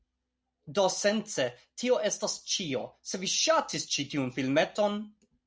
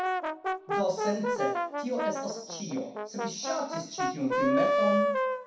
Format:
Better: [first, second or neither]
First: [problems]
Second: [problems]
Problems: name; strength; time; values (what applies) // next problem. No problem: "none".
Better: first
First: none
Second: background sound (Brass instrument); 3 dB above the speech // room echo; dies away in 0.6 s